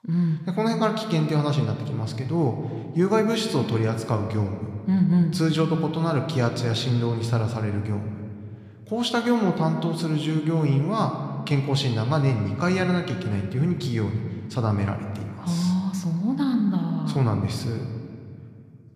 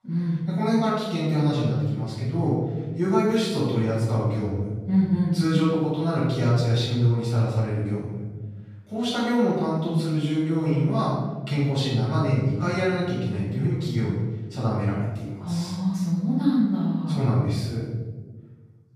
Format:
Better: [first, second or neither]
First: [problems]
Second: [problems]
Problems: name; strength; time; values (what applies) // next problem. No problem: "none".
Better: first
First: room echo; slight; dies away in 1.9 s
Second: room echo; strong; dies away in 1.4 s // off-mic speech; far